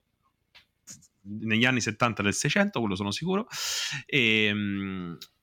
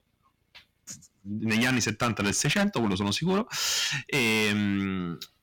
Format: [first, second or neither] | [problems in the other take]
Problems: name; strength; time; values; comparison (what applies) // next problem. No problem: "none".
first | distortion; heavy; 10% of the sound clipped